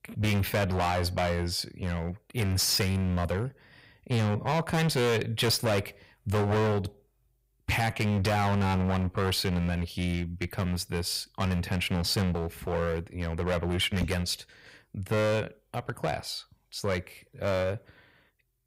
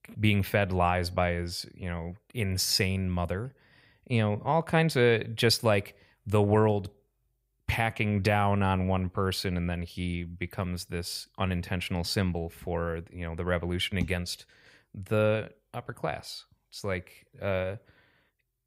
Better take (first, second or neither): second